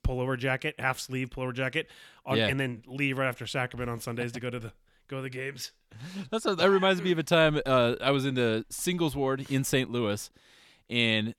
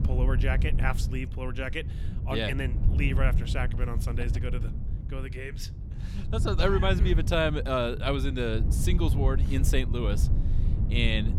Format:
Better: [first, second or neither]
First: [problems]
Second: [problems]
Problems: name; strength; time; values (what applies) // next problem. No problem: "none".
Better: first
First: none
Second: wind noise on the microphone; occasional gusts; 10 dB below the speech